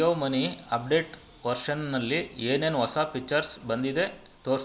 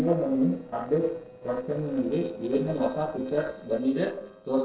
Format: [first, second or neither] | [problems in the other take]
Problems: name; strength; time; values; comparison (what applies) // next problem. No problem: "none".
first | noise reduction (neural separator model SepFormer DNS4)